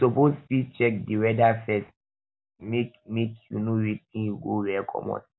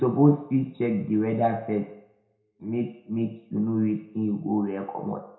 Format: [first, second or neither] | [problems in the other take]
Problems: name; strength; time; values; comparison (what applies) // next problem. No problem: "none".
first | room echo; dies away in 0.6 s